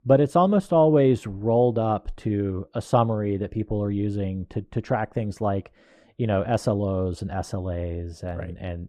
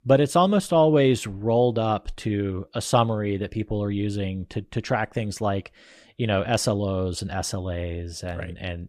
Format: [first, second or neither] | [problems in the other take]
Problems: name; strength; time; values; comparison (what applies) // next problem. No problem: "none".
second | muffled; slightly; fading above 1.5 kHz